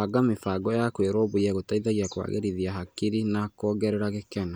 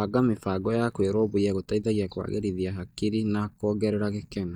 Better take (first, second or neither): first